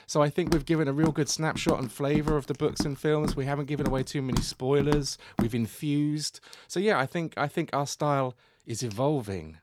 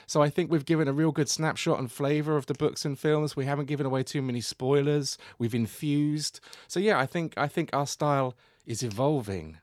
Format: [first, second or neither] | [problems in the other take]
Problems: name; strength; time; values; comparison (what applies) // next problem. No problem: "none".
second | footsteps; noticeable; until 5.5 s; peak 5 dB below the speech